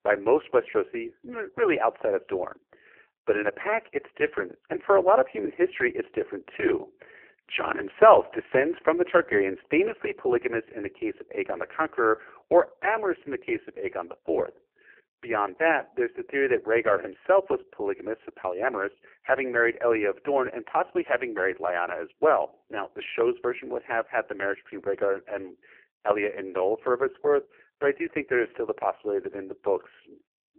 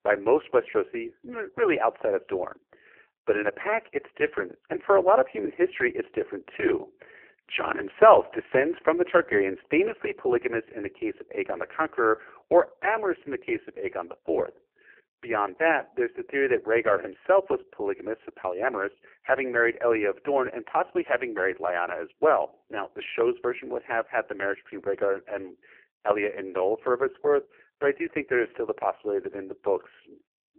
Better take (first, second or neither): neither